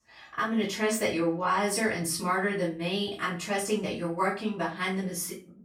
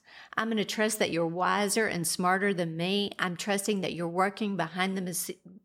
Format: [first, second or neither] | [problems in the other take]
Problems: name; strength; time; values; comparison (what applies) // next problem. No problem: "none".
second | off-mic speech; far // room echo; slight; dies away in 0.3 s